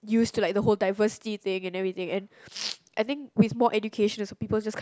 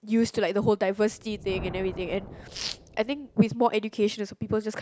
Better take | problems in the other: first | background sound (Thunder); 17 dB below the speech

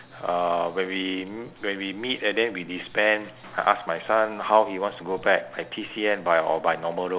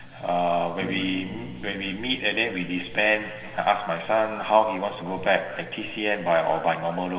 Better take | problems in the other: first | background sound (Bass guitar); 17 dB below the speech // room echo; dies away in 2 s

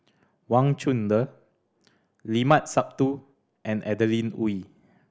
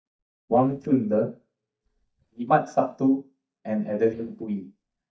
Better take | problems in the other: first | noise reduction (neural mask model DeepFilterNet 3)

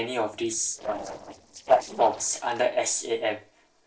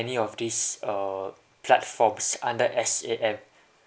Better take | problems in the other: second | noise reduction (neural separator model SepFormer DNS4)

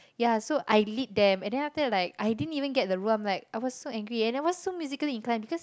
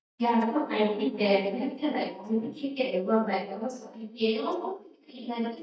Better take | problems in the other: first | noise reduction (neural mask model DeepFilterNet 3)

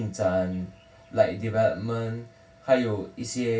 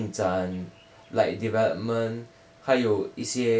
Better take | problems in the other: second | room echo; dies away in 0.4 s

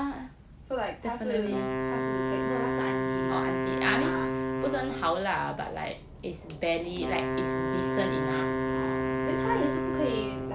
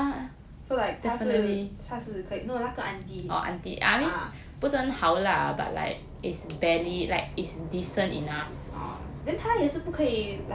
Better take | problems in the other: second | background sound (Wind instrument, woodwind instrument); 2 dB above the speech

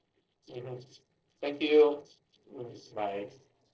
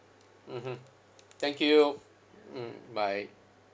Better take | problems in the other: second | noise reduction (neural separator model SepFormer DNS4)

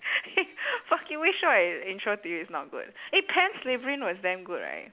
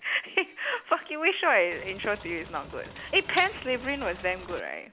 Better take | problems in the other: first | background sound (Bathtub (filling or washing)); 15 dB below the speech

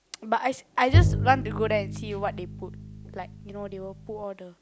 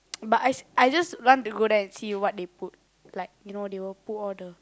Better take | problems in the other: second | background sound (Bowed string instrument); 2 dB above the speech

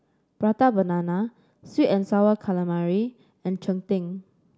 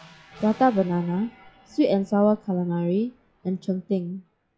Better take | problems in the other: first | noise reduction (classical method log-MMSE)

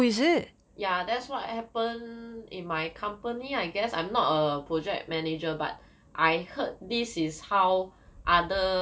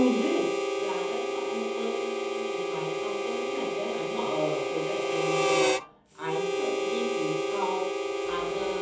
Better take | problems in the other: first | background sound (Harmonica); 5 dB above the speech // room echo; dies away in 1.3 s

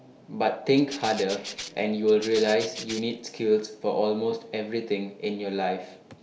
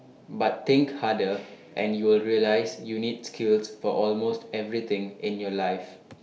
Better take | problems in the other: second | background sound (Rattle (instrument)); 13 dB below the speech

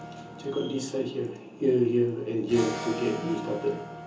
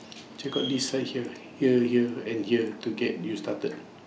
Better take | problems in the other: second | background sound (Electric guitar / Acoustic guitar); 11 dB below the speech // room echo; dies away in 0.8 s

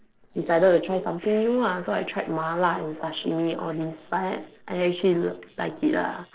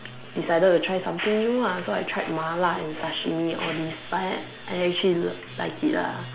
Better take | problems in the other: second | noise reduction (neural separator model SepFormer DNS4)

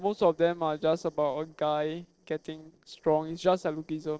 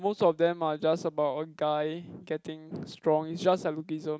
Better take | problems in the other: second | noise reduction (neural separator model SepFormer DNS4)

